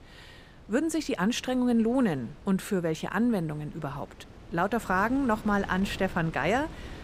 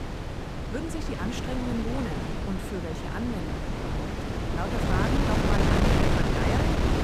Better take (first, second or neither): first